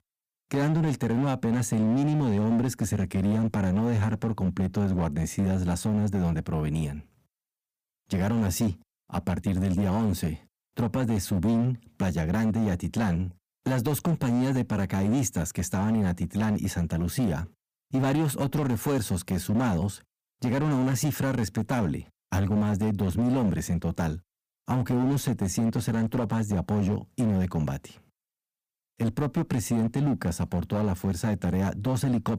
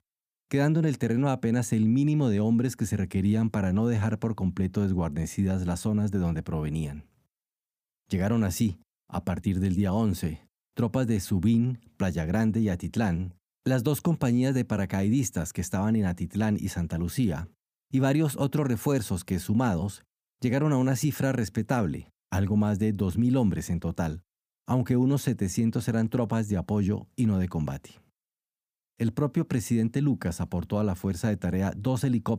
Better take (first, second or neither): second